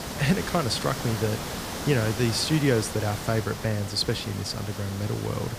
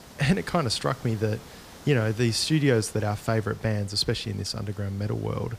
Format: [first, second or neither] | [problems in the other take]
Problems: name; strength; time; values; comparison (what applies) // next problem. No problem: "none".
second | hiss; loud; throughout; 7 dB below the speech; faint in the second